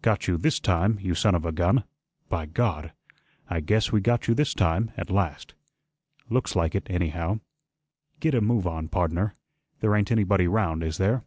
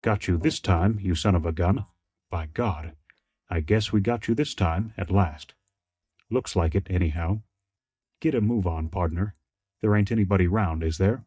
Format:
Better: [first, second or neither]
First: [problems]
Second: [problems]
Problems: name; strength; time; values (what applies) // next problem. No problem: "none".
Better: first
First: none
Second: noise reduction (neural mask model DeepFilterNet 3)